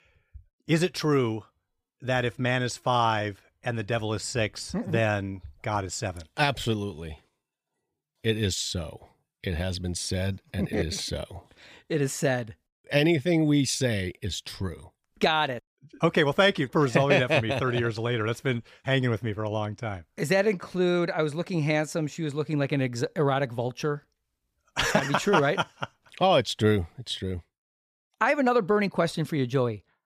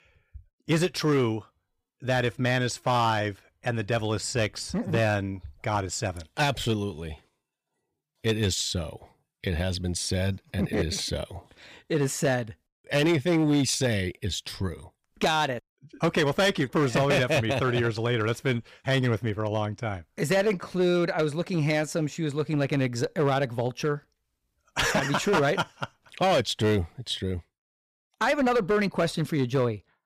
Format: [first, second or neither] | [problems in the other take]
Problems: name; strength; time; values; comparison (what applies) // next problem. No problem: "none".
first | distortion; slight; 5% of the sound clipped